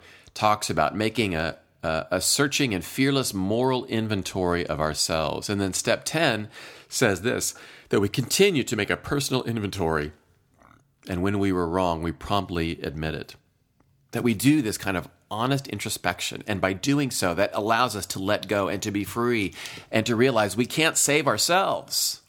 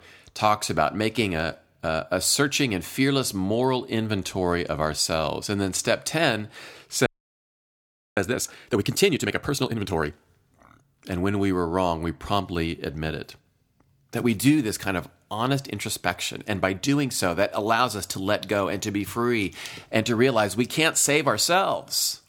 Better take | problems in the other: first | audio freezing; at 7 s for 1 s

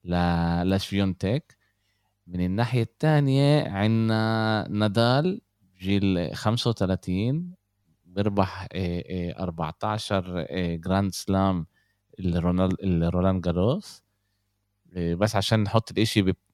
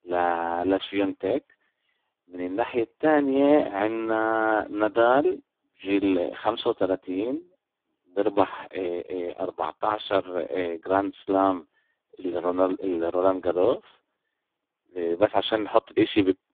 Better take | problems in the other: first | phone-call audio; poor line; nothing above 3.5 kHz

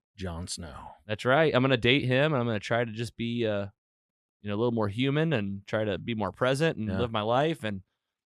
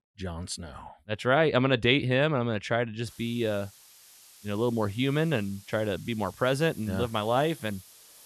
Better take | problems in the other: first | hiss; faint; from 3 s on; 20 dB below the speech

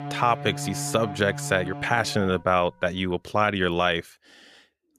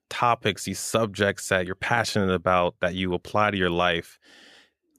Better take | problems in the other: second | background music; noticeable; until 2.5 s; 10 dB below the speech

